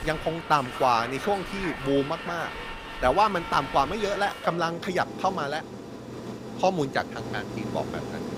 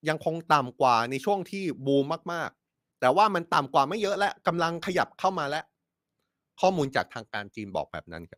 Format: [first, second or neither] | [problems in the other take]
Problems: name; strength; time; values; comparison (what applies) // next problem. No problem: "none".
second | train or aircraft noise; loud; throughout; 9 dB below the speech